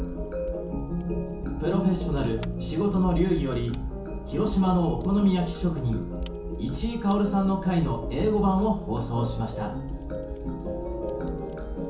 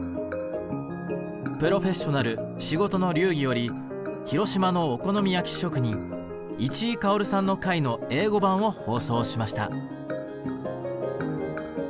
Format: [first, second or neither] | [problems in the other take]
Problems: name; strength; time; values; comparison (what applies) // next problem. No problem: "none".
second | background sound (Fire); 9 dB below the speech // room echo; dies away in 0.7 s